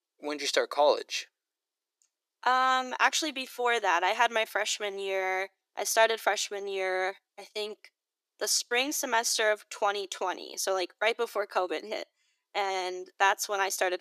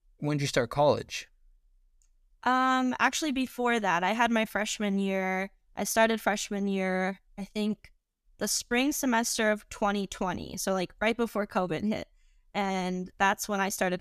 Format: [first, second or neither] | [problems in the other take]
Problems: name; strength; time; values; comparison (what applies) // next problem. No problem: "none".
second | thin; very; fading below 350 Hz